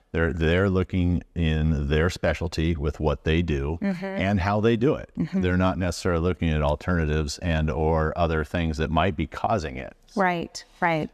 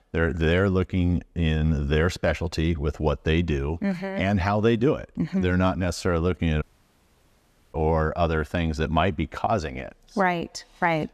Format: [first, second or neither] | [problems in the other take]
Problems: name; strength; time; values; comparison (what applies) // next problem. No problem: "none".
first | audio cutting out; at 6.5 s for 1 s